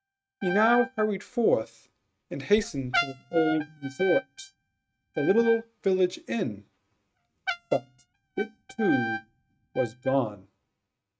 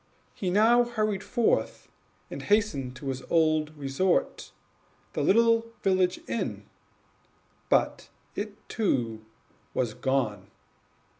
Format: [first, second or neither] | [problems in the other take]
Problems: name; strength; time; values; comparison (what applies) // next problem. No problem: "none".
second | noise reduction (neural mask model RNNoise)